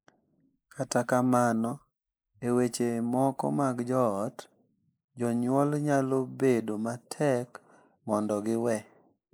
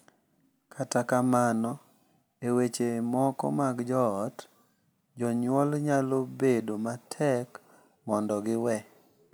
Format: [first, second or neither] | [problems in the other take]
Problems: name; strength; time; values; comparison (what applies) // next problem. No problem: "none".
second | noise reduction (neural mask model Resemble Enhance denoiser)